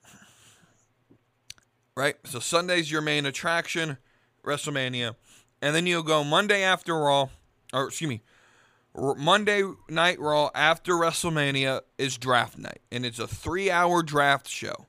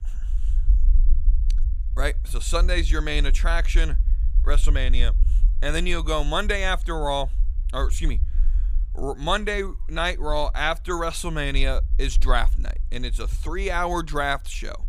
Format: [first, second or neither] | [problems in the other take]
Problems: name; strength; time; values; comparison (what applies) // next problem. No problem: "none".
first | low rumble; faint; throughout; 25 dB below the speech